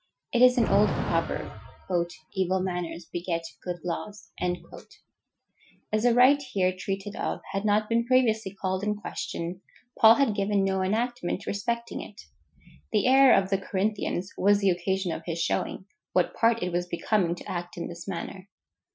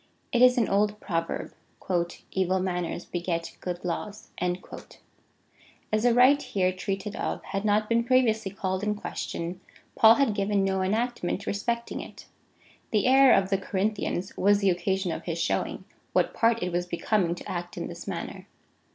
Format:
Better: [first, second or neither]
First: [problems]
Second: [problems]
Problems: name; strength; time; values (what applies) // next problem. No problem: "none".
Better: second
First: noise reduction (classical method Wiener filter)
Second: none